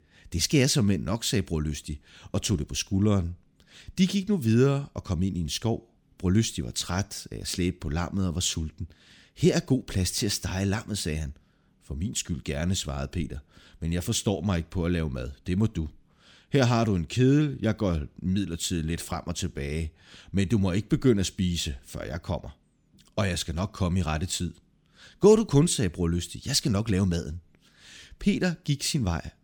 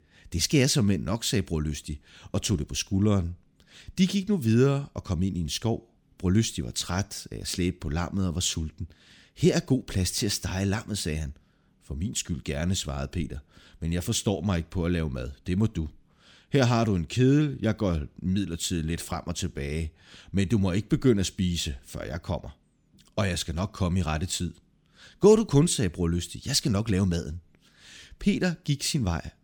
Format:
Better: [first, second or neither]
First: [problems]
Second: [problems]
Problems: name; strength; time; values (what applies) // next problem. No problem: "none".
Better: neither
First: none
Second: none